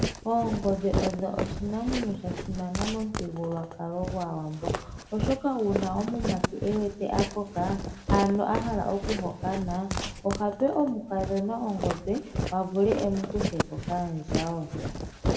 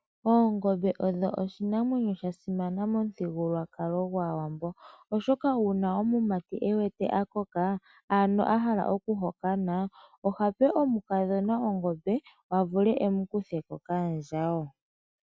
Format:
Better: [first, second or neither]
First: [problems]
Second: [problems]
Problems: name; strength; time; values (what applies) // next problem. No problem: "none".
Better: second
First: background sound (Walk, footsteps); 3 dB below the speech // room echo; dies away in 0.7 s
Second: none